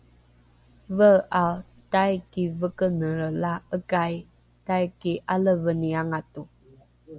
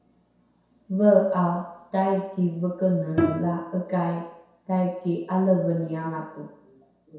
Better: first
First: none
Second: background sound (Bowed string instrument); 5 dB below the speech // room echo; dies away in 0.7 s

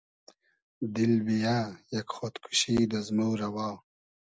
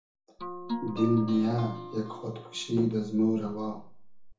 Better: first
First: none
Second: background sound (Guitar); 11 dB below the speech // room echo; dies away in 0.6 s

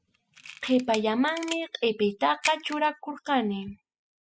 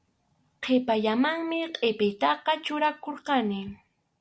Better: second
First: noise reduction (classical method spectral subtraction)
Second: none

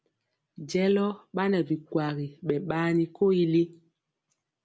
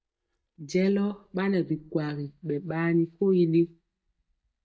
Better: first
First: none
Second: noise reduction (neural mask model DeepFilterNet 3)

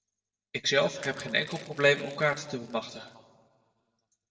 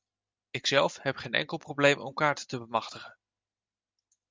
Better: second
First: noise reduction (neural separator model SepFormer DNS4)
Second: none

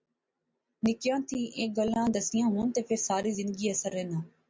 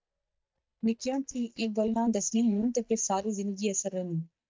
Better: first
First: none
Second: noise reduction (neural mask model DeepFilterNet 3)

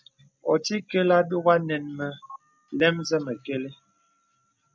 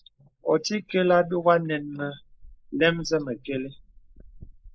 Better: first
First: none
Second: noise reduction (neural mask model Resemble Enhance denoiser)

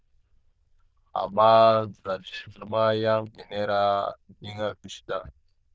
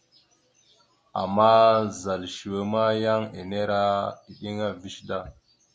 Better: second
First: noise reduction (neural diffusion model UNIVERSE++)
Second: none

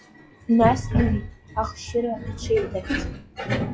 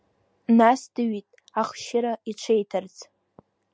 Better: second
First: noise reduction (classical method WPE with log-MMSE)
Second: none

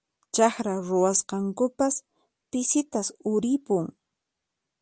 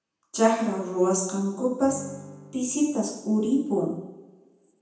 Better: first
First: none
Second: background sound (Acoustic guitar / Strum); 19 dB below the speech // room echo; dies away in 0.9 s

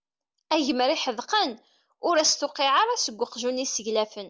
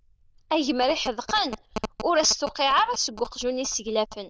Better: first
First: none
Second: noise reduction (neural diffusion model UNIVERSE++)

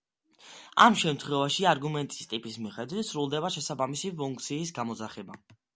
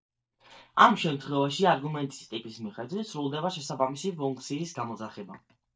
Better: first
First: none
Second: noise reduction (neural mask model DeepFilterNet 3)

